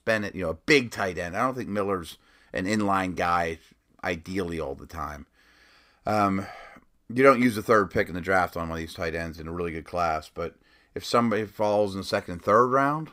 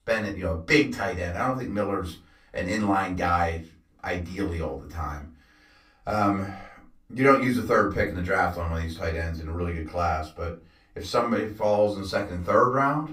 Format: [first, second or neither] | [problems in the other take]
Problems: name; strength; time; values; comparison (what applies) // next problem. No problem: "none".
first | off-mic speech; far // room echo; very slight; dies away in 0.3 s